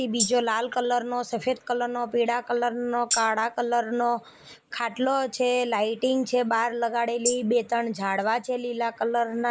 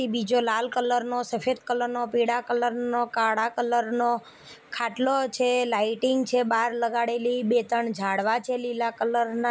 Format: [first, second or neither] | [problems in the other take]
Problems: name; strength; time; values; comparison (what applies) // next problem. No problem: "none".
second | noise reduction (neural mask model Resemble Enhance denoiser)